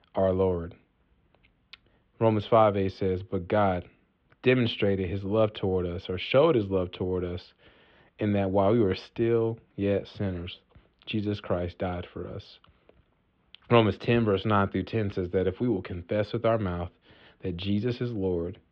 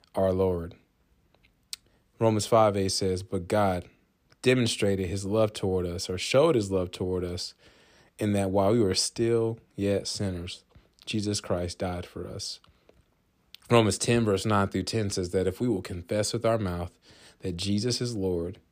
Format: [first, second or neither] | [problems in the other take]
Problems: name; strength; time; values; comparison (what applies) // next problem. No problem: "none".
second | muffled; very; fading above 3.5 kHz